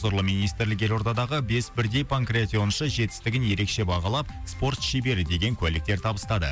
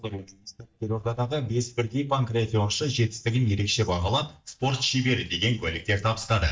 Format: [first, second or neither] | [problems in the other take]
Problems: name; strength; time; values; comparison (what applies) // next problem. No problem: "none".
first | noise reduction (neural mask model DeepFilterNet 3)